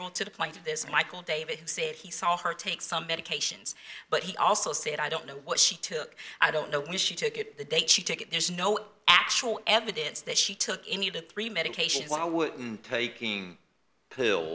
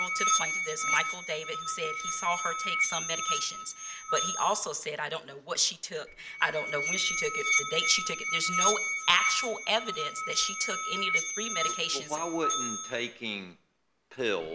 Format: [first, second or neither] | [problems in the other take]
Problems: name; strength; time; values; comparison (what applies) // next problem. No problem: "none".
first | background sound (Musical instrument); as loud as the speech